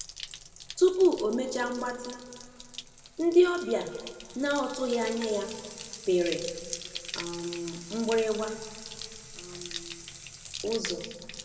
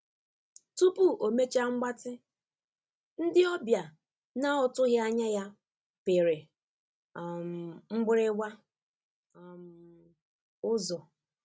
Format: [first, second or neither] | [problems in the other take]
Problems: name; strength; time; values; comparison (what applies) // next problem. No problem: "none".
second | background sound (Bathtub (filling or washing)); 12 dB below the speech // room echo; dies away in 1.7 s